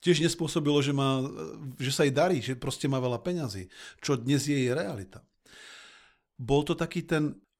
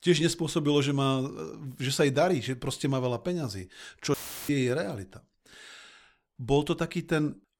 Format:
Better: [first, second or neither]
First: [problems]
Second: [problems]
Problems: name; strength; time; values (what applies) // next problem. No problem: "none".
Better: first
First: none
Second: audio cutting out; filled with static; at 4 s